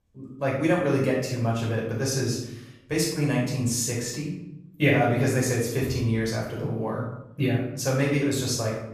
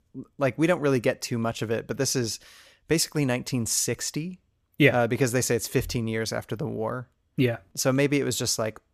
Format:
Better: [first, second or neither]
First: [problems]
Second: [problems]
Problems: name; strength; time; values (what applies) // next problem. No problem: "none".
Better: second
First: off-mic speech; far // room echo; noticeable; dies away in 0.7 s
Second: none